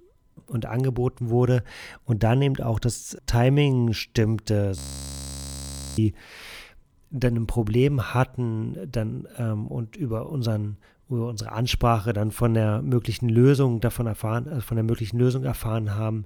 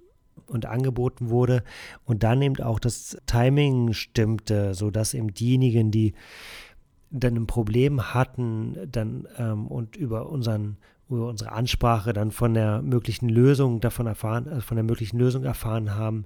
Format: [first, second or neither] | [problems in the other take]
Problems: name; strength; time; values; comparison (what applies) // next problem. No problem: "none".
second | audio freezing; at 5 s for 1 s